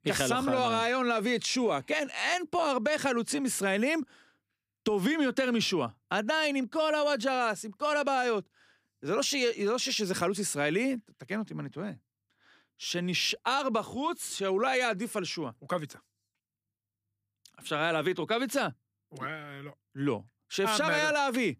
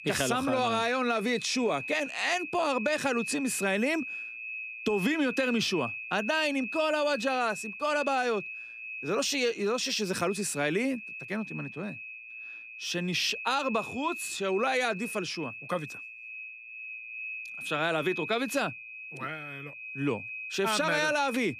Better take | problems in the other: first | high-pitched whine; loud; throughout; 2.5 kHz, 9 dB below the speech

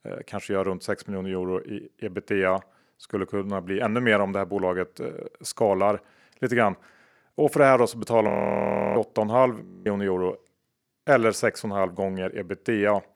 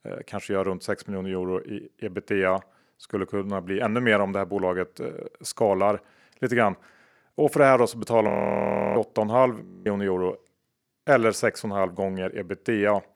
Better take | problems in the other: neither | audio freezing; at 8.5 s for 0.5 s and at 9.5 s; the same in both

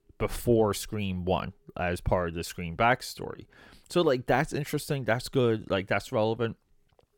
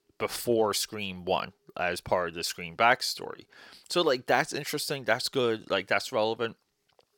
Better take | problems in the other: first | thin; somewhat; fading below 1 kHz

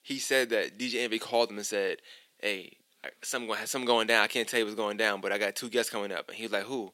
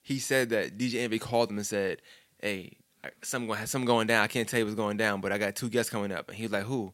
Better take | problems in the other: second | thin; very slightly; fading below 350 Hz

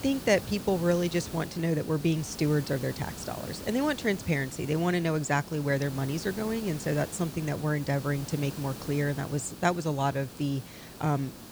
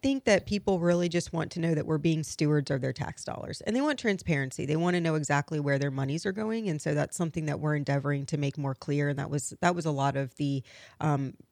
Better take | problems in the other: second | hiss; noticeable; throughout; 10 dB below the speech

